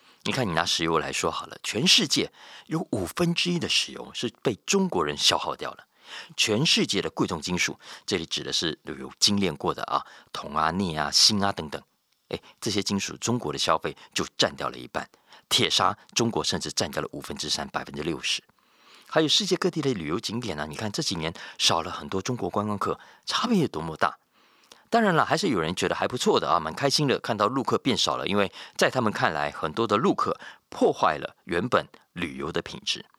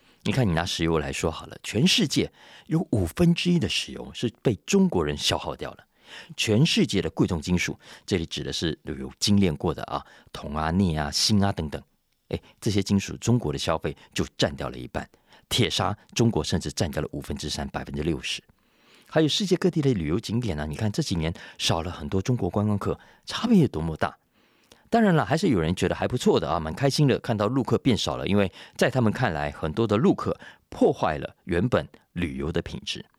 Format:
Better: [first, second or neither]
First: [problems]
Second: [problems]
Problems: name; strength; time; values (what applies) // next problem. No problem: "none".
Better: second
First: thin; somewhat; fading below 300 Hz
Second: none